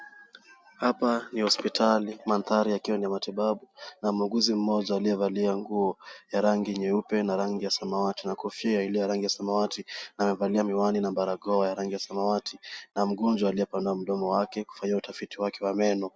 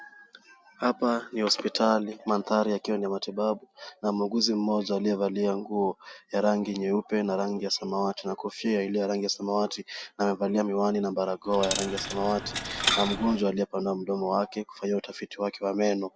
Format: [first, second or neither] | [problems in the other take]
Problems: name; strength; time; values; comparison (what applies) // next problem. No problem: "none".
first | background sound (Coin (dropping)); 4 dB below the speech